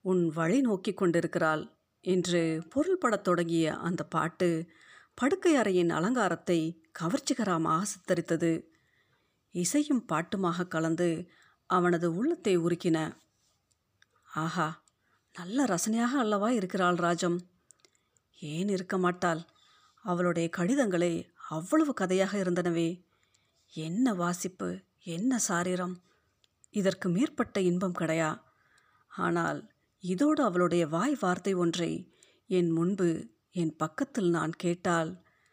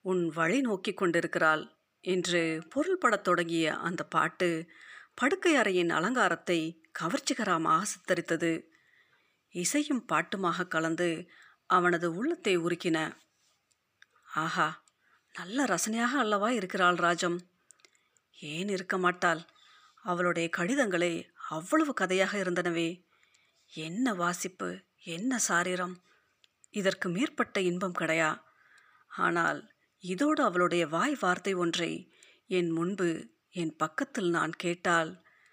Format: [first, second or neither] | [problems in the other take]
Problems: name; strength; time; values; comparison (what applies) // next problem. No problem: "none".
first | thin; very slightly; fading below 550 Hz